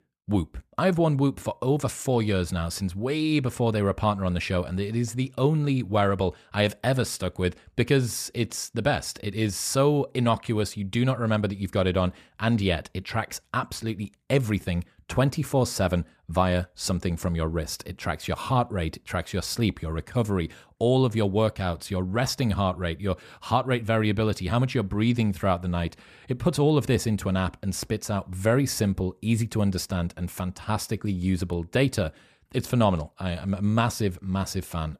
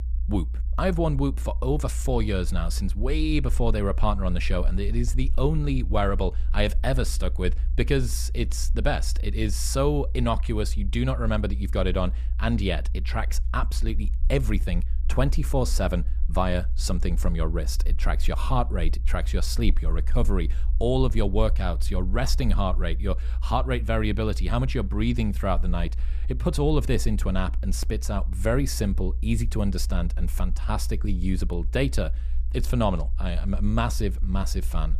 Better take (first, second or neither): first